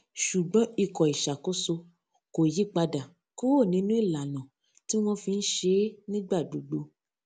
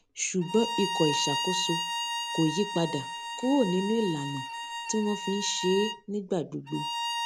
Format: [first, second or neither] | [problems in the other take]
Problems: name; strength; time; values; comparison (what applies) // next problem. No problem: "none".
first | background sound (Bowed string instrument); 4 dB below the speech